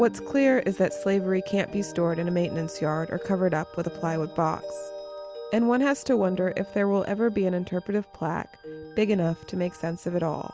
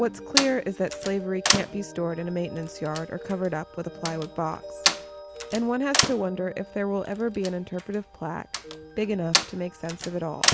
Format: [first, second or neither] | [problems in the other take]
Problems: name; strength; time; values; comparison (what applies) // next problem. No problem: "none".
first | background sound (Slam); 2 dB below the speech